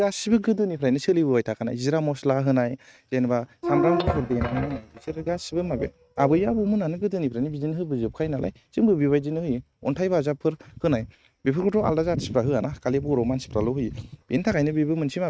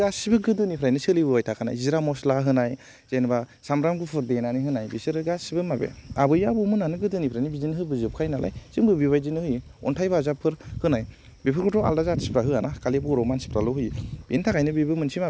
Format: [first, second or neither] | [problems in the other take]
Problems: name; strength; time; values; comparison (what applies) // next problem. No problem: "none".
second | noise reduction (neural mask model RNNoise)